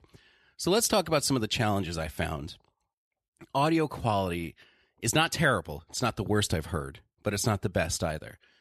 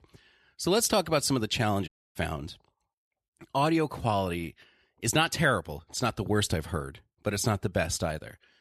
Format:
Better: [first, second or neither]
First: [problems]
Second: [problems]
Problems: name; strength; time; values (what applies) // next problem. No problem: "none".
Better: first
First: none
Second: audio cutting out; at 2 s